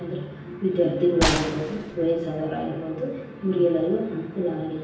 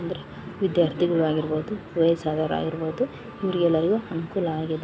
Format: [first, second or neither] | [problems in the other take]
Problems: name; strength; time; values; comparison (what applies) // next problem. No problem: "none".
second | background sound (Gunshot, gunfire); 4 dB below the speech // room echo; dies away in 0.9 s